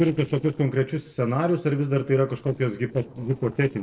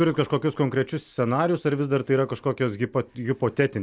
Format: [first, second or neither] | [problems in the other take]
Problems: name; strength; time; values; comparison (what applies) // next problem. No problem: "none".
second | noise reduction (neural separator model SepFormer DNS4)